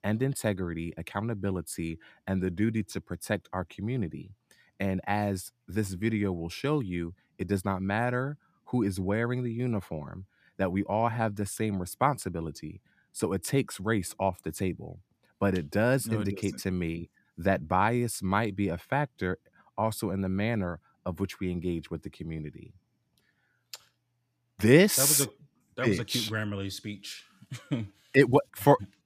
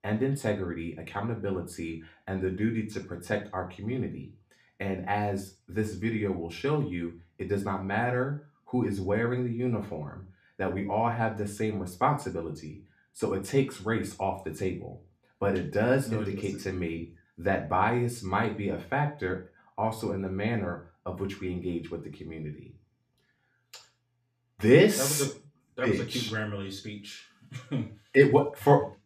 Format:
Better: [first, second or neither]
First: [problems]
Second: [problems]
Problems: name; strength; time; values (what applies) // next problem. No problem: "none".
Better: first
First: none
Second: room echo; slight; dies away in 0.3 s // off-mic speech; far